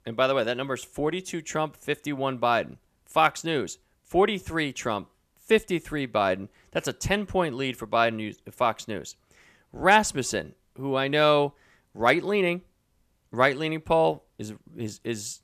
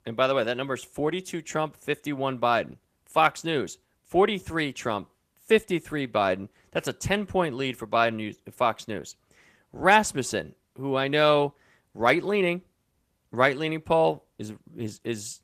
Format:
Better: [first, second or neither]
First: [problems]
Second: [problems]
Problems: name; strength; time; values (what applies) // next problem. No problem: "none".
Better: first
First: none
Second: garbled, watery; slightly; nothing above 14.5 kHz